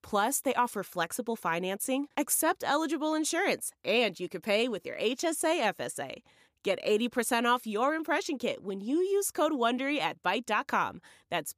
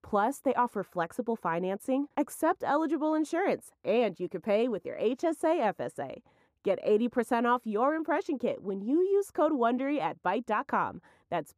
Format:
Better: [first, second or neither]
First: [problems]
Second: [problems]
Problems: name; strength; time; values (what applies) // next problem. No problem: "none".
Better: first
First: none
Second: muffled; very; fading above 2 kHz